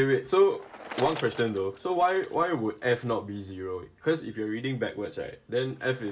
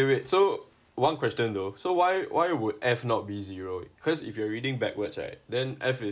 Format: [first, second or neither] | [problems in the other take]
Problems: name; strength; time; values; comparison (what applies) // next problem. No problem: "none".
second | background sound (Bicycle); 19 dB below the speech // room echo; dies away in 0.1 s